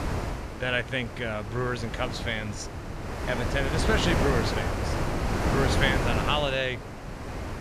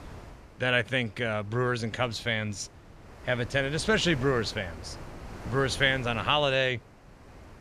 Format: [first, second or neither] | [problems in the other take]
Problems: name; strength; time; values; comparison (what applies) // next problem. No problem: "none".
second | wind noise on the microphone; heavy; 4 dB below the speech; occasional gusts in the second